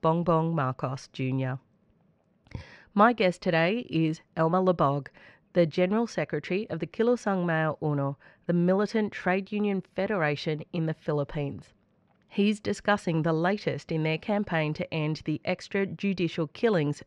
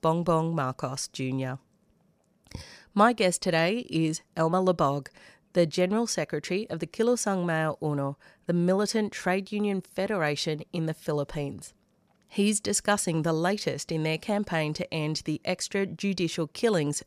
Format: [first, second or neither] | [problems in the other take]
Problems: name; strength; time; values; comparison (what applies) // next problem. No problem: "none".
second | muffled; slightly; fading above 2.5 kHz